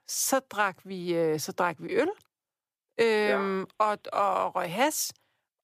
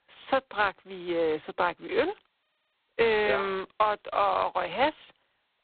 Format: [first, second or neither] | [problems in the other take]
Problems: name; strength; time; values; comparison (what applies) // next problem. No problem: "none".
first | phone-call audio; poor line; nothing above 4 kHz